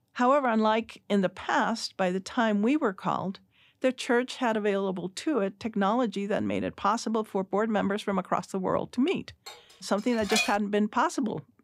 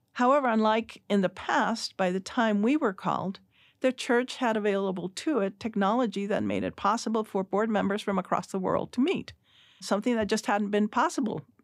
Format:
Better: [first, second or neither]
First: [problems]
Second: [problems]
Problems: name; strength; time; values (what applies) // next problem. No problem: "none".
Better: second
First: clattering dishes; loud; from 9.5 to 11 s; peak level with the speech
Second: none